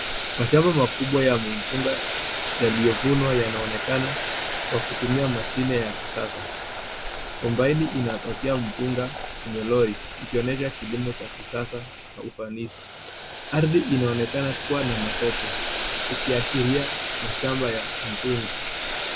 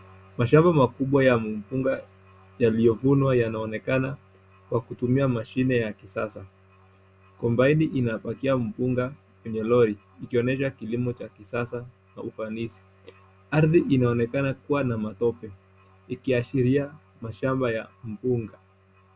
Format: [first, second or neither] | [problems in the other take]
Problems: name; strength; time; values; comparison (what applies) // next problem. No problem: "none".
second | background sound (Boiling); 5 dB below the speech